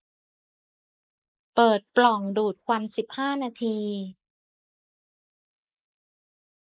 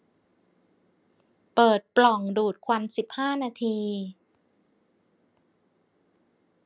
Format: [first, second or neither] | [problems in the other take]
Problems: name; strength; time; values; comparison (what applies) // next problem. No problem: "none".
second | noise reduction (neural mask model Resemble Enhance denoiser)